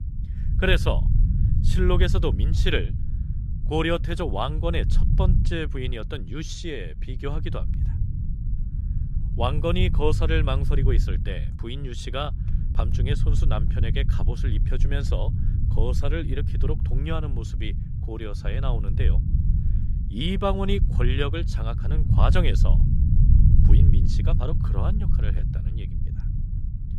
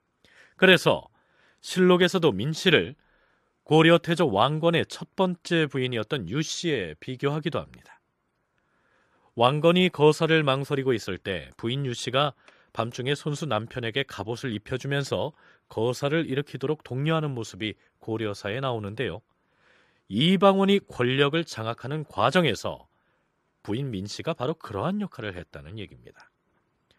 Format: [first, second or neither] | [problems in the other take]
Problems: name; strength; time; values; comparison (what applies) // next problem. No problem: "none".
second | low rumble; loud; throughout; 10 dB below the speech